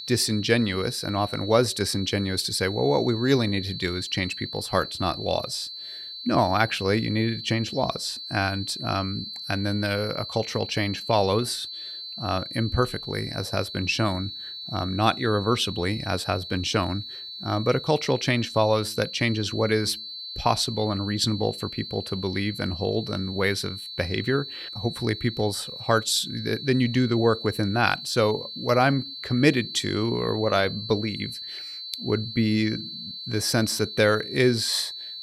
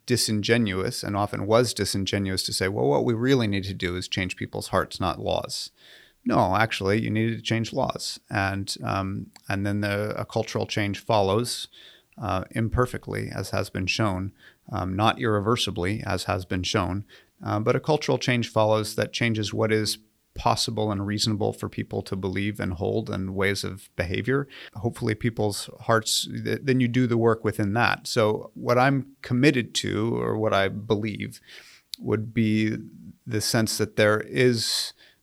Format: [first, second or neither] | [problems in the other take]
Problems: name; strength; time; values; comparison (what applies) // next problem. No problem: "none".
second | high-pitched whine; loud; throughout; 4 kHz, 9 dB below the speech